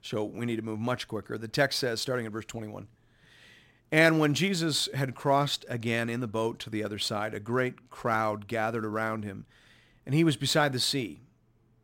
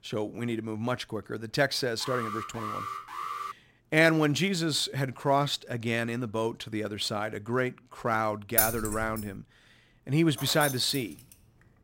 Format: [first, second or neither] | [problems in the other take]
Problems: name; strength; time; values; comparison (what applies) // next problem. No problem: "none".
first | alarm; noticeable; from 2 to 3.5 s; peak 6 dB below the speech // jangling keys; loud; at 8.5 s; peak 4 dB above the speech // jangling keys; noticeable; at 10 s; peak 5 dB below the speech